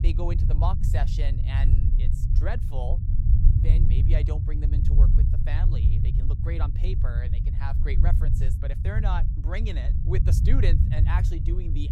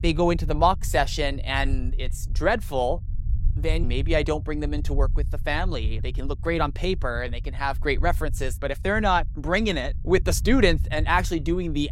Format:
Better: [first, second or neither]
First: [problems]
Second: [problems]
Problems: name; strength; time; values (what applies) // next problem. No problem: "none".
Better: second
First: low rumble; loud; throughout; 3 dB below the speech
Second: low rumble; faint; throughout; 25 dB below the speech